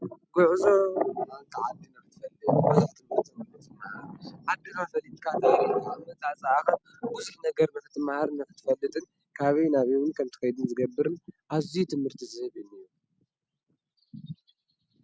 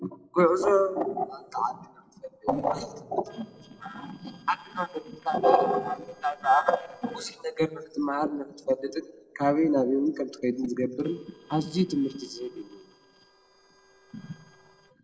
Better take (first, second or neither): first